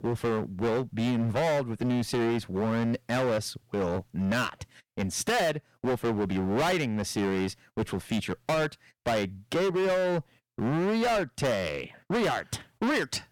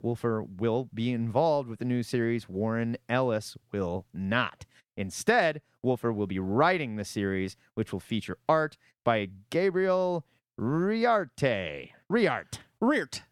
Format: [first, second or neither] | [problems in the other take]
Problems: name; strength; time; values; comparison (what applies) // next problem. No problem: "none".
second | distortion; heavy; 21% of the sound clipped